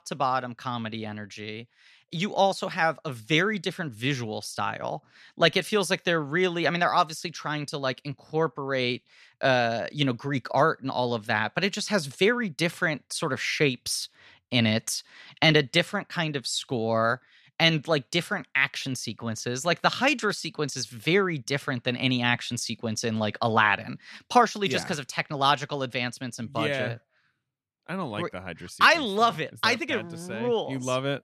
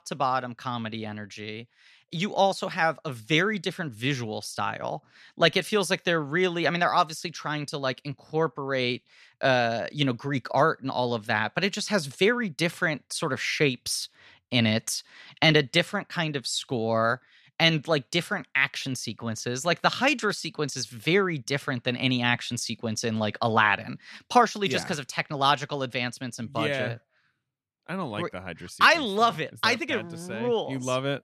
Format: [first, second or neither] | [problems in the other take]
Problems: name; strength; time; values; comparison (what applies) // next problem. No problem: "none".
neither | none